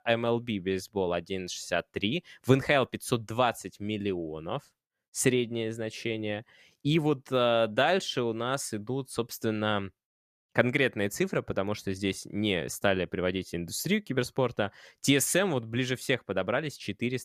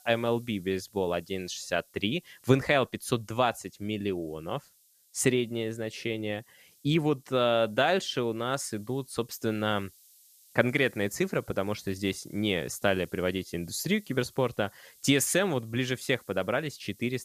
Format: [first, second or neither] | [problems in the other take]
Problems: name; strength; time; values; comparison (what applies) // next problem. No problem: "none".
first | hiss; faint; throughout; 25 dB below the speech